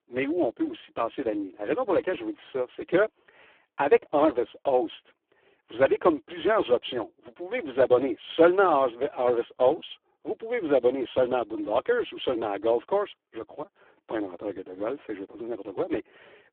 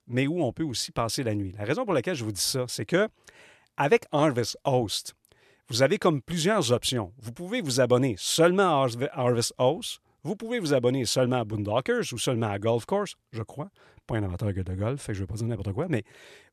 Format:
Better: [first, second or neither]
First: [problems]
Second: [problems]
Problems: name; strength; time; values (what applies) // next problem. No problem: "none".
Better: second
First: phone-call audio; poor line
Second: none